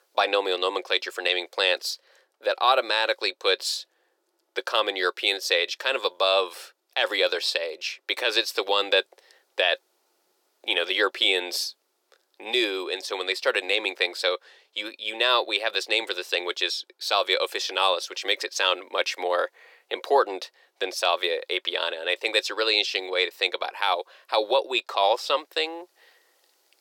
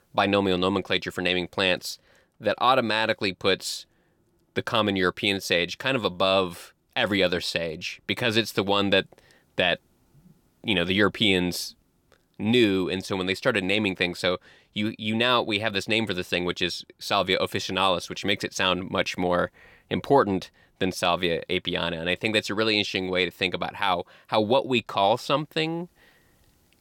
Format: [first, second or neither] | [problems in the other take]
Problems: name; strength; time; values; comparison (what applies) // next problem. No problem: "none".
second | thin; very; fading below 400 Hz